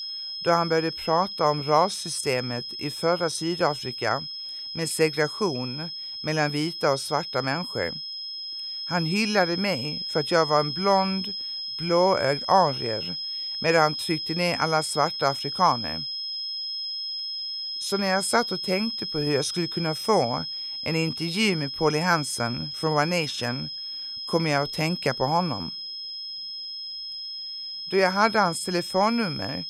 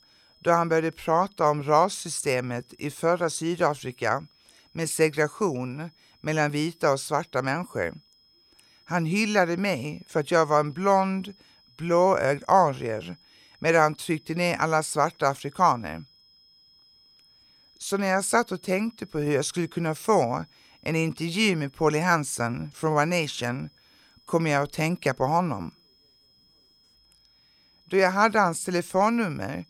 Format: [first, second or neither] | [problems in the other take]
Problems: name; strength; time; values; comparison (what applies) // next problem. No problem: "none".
second | high-pitched whine; loud; throughout; 5 kHz, 5 dB below the speech; faint in the second